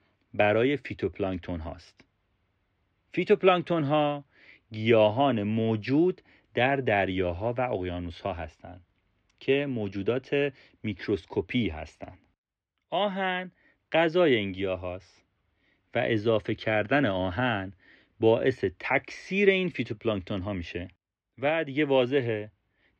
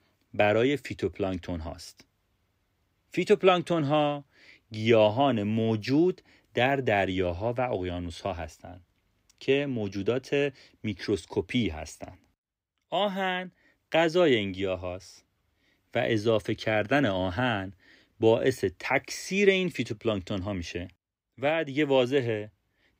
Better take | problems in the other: second | muffled; slightly; fading above 2.5 kHz

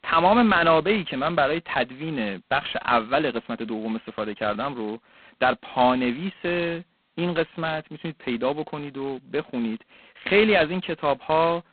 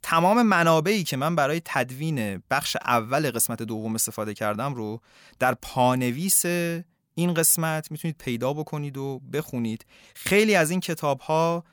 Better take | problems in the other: second | phone-call audio; poor line; nothing above 4 kHz

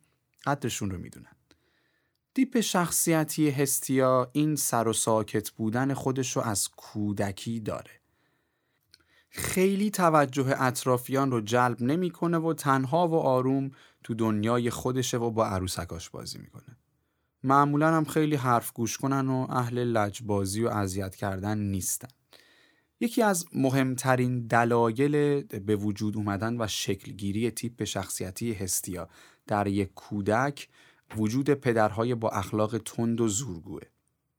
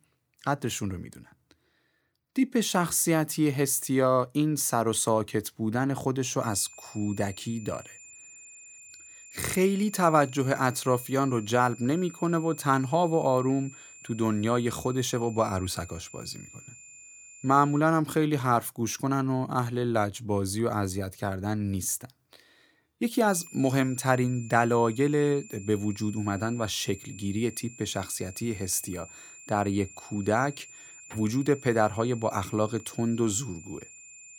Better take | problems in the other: first | high-pitched whine; noticeable; from 6.5 to 18 s and from 23 s on; 7 kHz, 20 dB below the speech

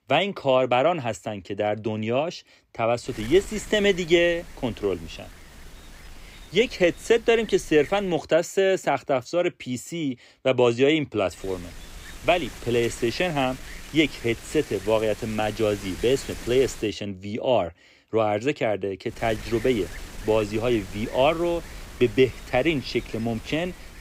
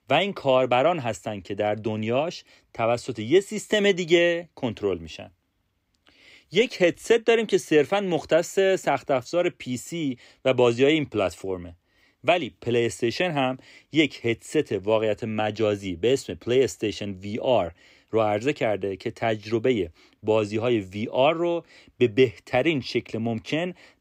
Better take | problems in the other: second | wind noise on the microphone; occasional gusts; from 3 to 8 s, from 11 to 17 s and from 19 s on; 20 dB below the speech

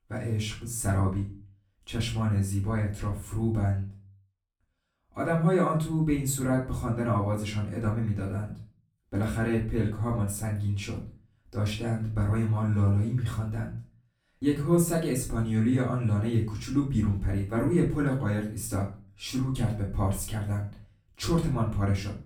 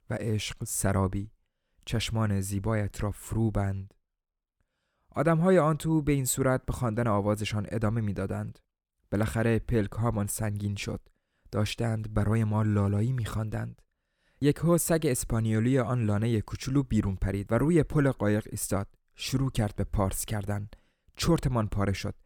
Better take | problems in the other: second | off-mic speech; far // room echo; slight; dies away in 0.3 s

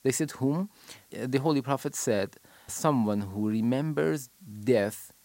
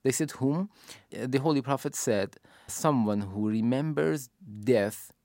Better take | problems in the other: second | hiss; faint; throughout; 30 dB below the speech

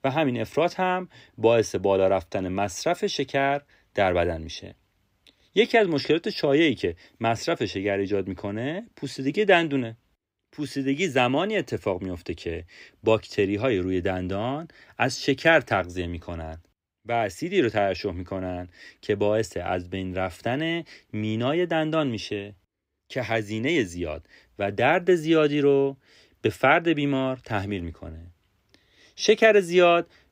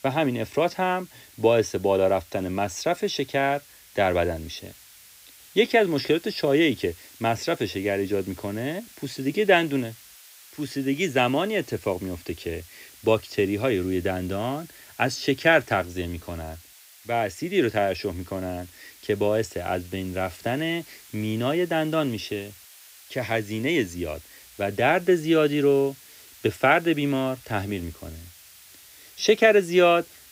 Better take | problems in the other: first | hiss; faint; throughout; 20 dB below the speech

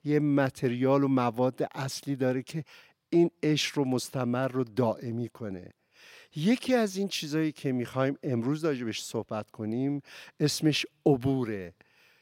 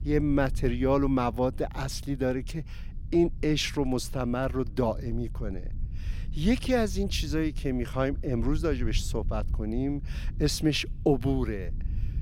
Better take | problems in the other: first | low rumble; faint; throughout; 25 dB below the speech

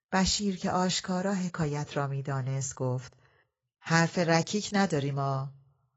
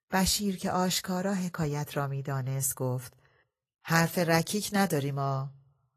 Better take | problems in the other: second | garbled, watery; badly; nothing above 7.5 kHz; slightly in the second

